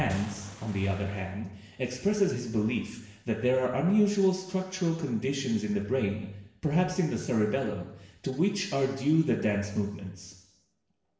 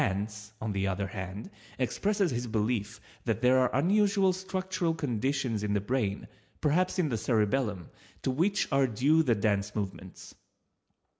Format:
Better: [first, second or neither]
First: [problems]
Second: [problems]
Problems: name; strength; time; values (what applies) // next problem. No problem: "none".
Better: second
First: background sound (Boom); 19 dB below the speech // room echo; dies away in 0.9 s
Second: none